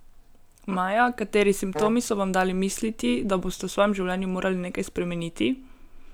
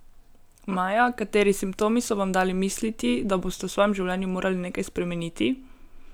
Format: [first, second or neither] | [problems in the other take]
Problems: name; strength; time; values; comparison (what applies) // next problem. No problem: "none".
second | background sound (Wind instrument, woodwind instrument); 9 dB below the speech